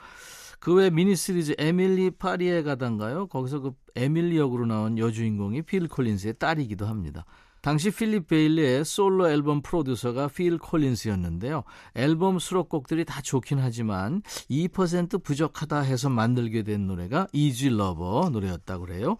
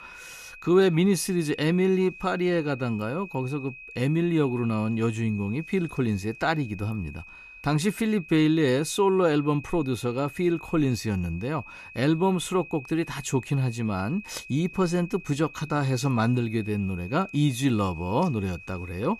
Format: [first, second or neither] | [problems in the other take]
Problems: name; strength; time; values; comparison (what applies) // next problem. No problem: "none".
first | high-pitched whine; noticeable; throughout; 2.5 kHz, 15 dB below the speech